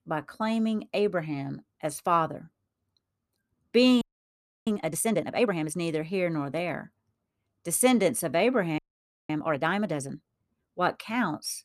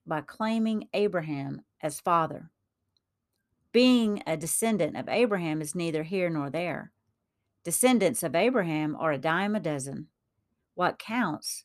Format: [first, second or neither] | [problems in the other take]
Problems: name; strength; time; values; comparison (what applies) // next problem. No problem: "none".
second | audio freezing; at 4 s for 0.5 s and at 9 s for 0.5 s